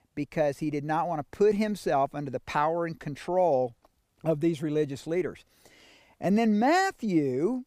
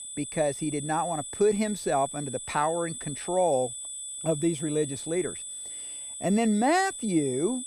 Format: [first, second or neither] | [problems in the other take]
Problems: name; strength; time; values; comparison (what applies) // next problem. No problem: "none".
first | high-pitched whine; loud; throughout; 8 kHz, 8 dB below the speech